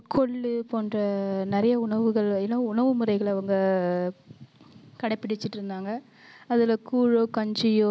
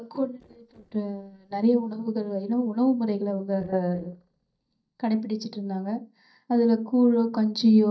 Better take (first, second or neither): first